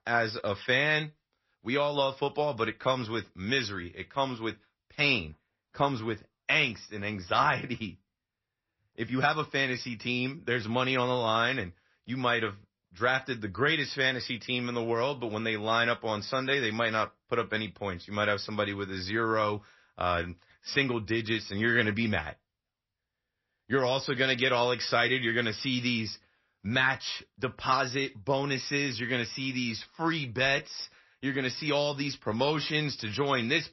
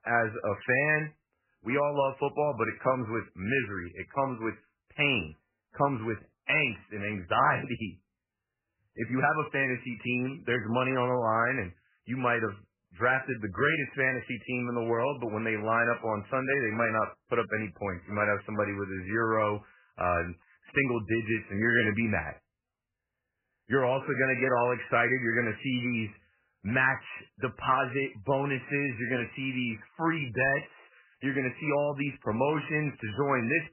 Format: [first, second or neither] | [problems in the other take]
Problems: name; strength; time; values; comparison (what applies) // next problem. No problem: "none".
first | garbled, watery; badly; nothing above 3 kHz; slightly in the first